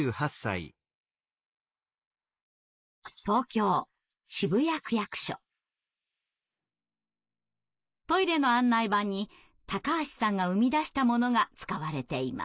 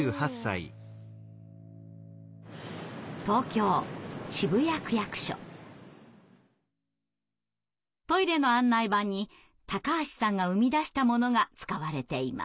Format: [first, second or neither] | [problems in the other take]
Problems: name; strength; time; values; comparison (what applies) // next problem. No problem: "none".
second | noise reduction (neural mask model Resemble Enhance denoiser)